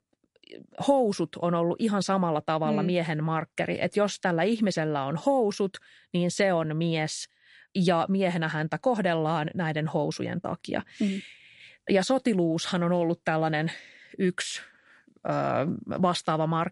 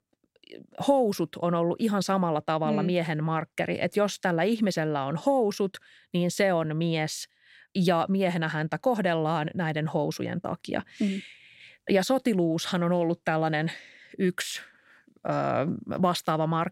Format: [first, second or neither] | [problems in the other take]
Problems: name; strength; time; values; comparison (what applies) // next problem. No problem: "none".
second | garbled, watery; slightly; nothing above 11 kHz